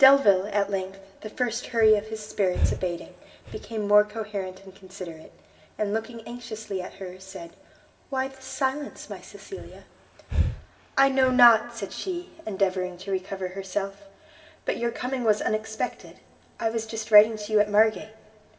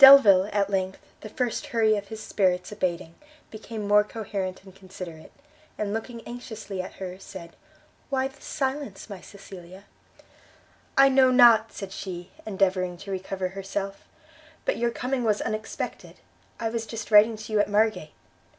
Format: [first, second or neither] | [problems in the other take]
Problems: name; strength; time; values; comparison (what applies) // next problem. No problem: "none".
second | background sound (Breathing); 6 dB below the speech // room echo; dies away in 1.4 s